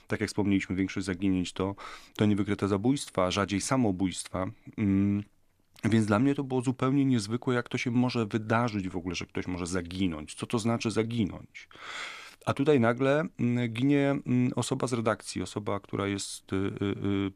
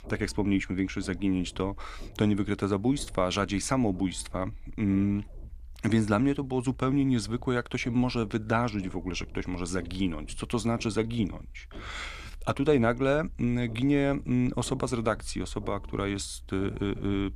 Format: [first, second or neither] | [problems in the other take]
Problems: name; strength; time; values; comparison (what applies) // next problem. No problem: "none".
first | low rumble; faint; throughout; 25 dB below the speech